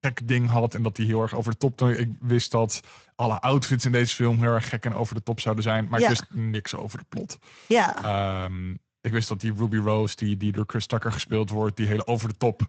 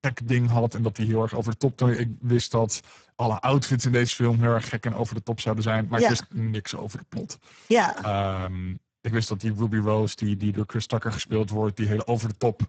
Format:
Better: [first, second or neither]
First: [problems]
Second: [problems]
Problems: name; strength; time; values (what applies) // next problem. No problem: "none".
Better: first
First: garbled, watery; slightly; nothing above 7.5 kHz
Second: garbled, watery; badly; nothing above 7.5 kHz